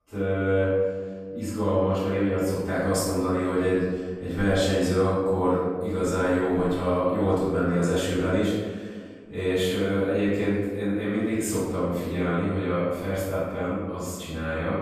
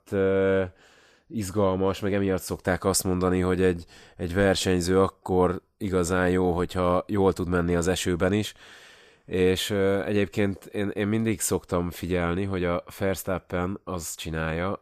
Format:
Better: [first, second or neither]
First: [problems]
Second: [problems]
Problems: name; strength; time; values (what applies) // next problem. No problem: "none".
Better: second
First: off-mic speech; far // room echo; strong; dies away in 1.4 s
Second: none